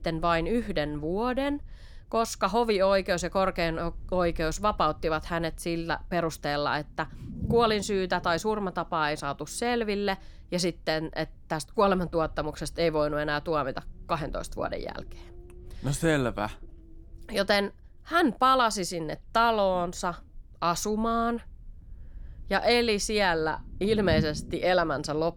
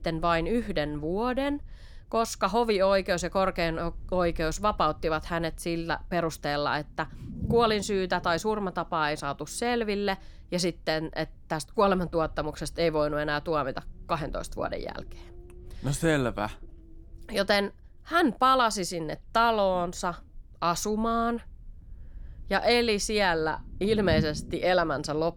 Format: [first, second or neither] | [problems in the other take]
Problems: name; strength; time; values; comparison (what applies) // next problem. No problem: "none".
neither | low rumble; faint; throughout; 25 dB below the speech; the same in both